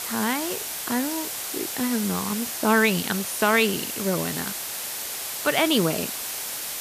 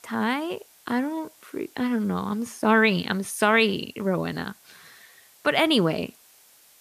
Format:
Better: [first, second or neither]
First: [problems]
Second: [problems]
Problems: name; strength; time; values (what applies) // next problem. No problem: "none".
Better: second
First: hiss; loud; throughout; 4 dB below the speech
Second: hiss; faint; throughout; 30 dB below the speech